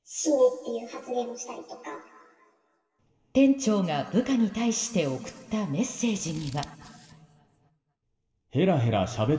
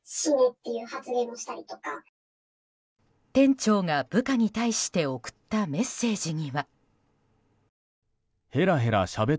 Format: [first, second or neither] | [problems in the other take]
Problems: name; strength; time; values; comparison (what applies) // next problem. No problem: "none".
second | background sound (Scissors); 20 dB below the speech // room echo; dies away in 2.3 s